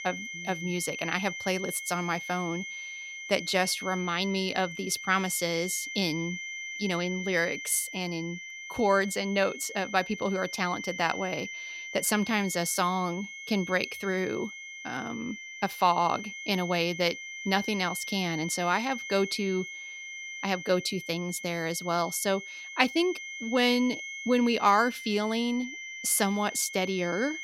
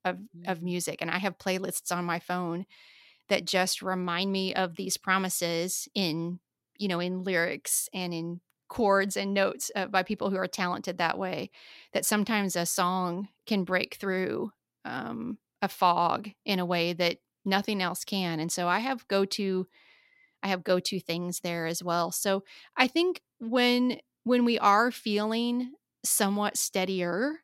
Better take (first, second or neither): second